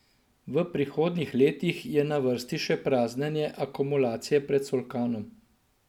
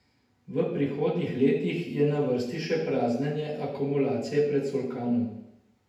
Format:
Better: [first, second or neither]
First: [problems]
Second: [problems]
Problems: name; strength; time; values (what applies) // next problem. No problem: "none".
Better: first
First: none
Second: room echo; dies away in 0.8 s